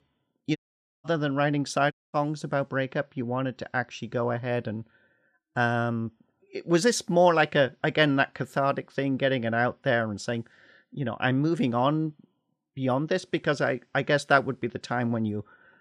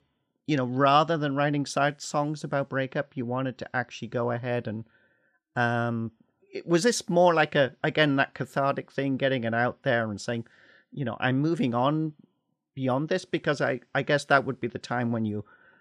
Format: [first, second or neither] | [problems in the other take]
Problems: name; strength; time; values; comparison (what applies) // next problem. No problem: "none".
second | audio cutting out; at 0.5 s and at 2 s